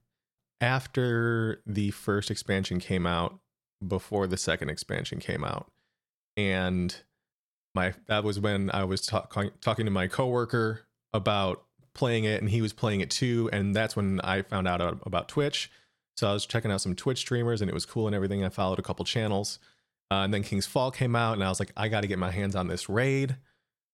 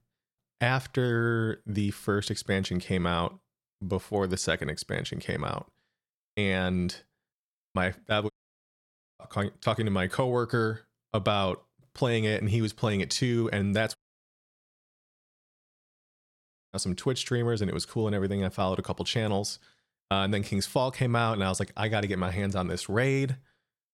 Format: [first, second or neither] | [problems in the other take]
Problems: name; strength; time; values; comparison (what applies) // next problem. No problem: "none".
first | audio cutting out; at 8.5 s for 1 s and at 14 s for 3 s